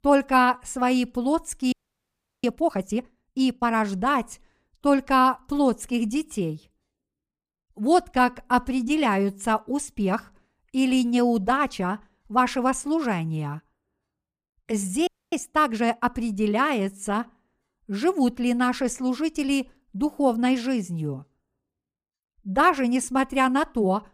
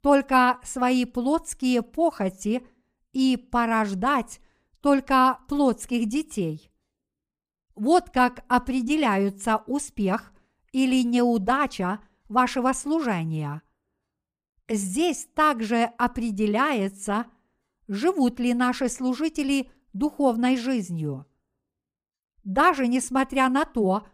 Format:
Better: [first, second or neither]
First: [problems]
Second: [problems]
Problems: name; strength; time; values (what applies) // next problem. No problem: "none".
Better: second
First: audio freezing; at 1.5 s for 0.5 s and at 15 s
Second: none